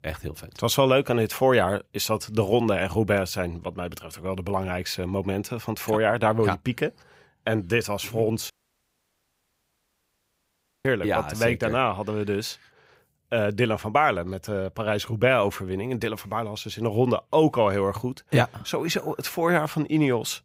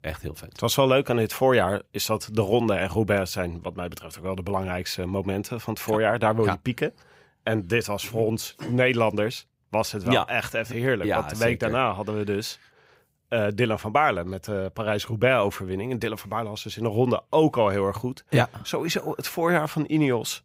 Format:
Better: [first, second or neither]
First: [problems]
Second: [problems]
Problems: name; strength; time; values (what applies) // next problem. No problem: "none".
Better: second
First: audio cutting out; at 8.5 s for 2.5 s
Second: none